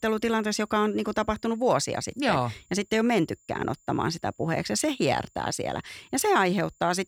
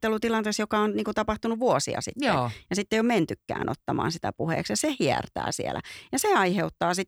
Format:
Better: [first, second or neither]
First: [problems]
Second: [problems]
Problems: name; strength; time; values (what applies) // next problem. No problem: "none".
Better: second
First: high-pitched whine; faint; throughout; 7 kHz, 35 dB below the speech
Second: none